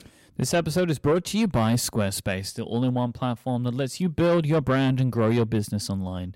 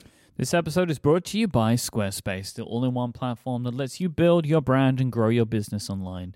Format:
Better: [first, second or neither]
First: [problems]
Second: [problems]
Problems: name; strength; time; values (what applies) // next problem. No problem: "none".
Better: second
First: distortion; slight; 10 dB below the speech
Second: none